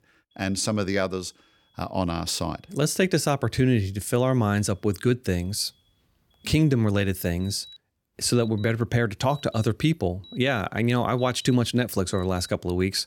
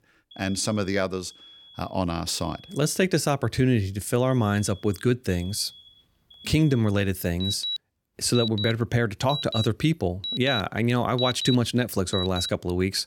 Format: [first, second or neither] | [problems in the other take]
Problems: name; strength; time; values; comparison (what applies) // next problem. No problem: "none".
first | alarms or sirens; loud; throughout; 6 dB below the speech; faint in the first